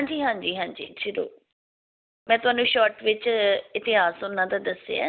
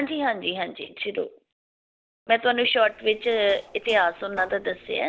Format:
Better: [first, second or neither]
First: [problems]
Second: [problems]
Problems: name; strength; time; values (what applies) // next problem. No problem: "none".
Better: first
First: none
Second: noise reduction (neural separator model SepFormer DNS4)